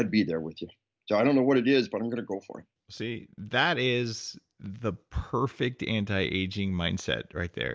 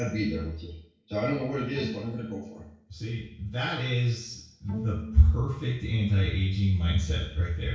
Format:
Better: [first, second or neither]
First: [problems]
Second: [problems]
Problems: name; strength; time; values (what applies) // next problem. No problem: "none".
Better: first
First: none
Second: noise reduction (neural separator model SepFormer DNS4)